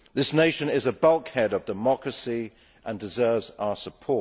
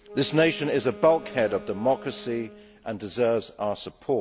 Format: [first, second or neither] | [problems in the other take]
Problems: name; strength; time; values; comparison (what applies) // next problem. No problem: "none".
first | background sound (Burping, eructation + Wind instrument, woodwind instrument); 18 dB below the speech